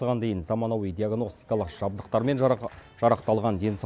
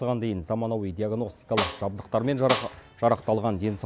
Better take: first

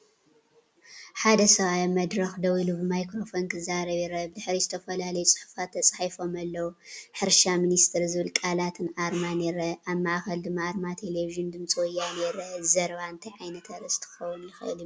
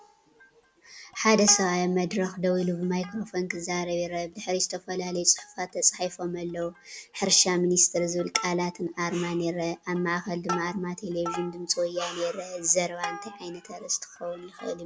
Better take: first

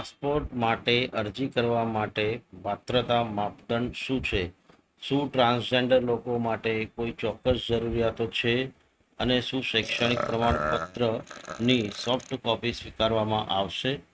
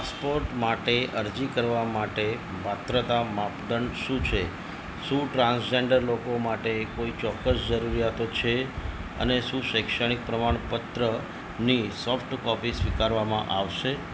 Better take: second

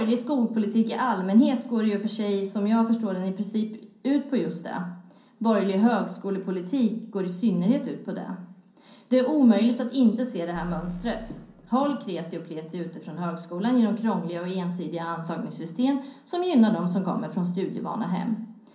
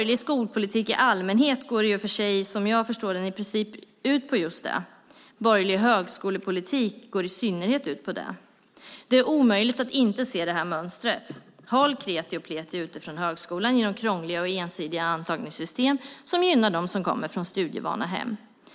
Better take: second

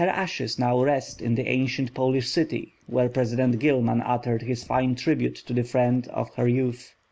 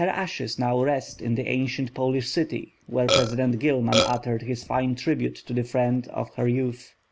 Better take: first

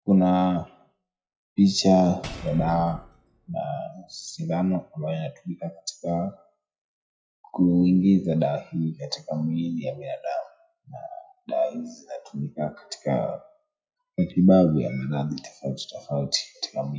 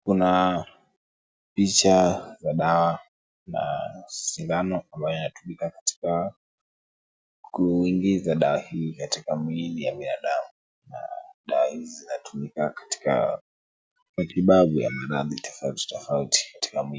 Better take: second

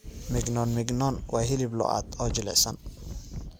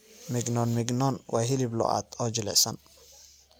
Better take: second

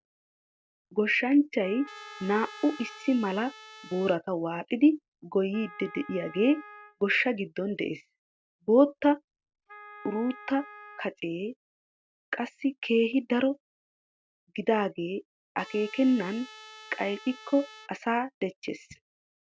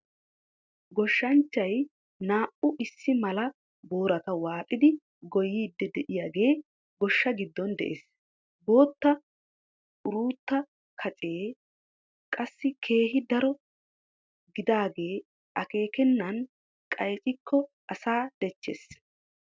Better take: second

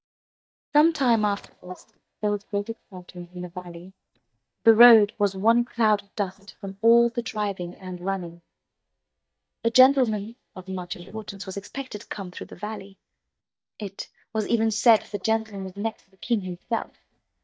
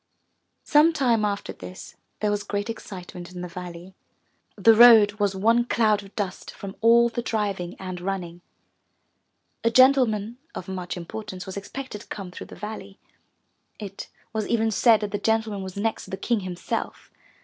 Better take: second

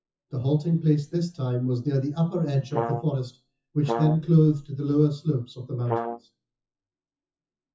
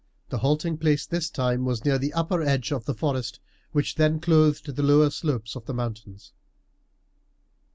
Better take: second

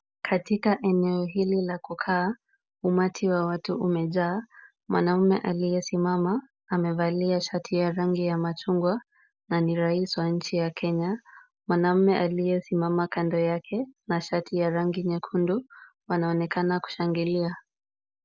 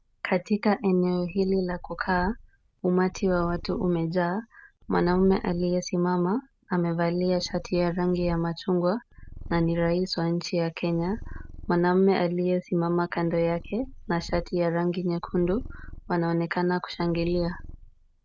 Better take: first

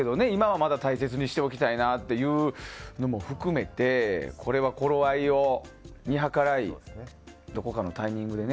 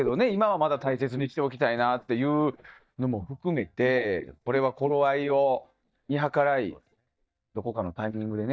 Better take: first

